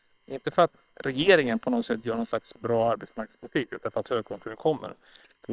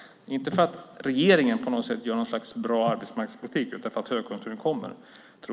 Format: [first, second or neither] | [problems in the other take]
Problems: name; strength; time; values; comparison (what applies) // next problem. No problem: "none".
second | noise reduction (neural separator model SepFormer WHAM!)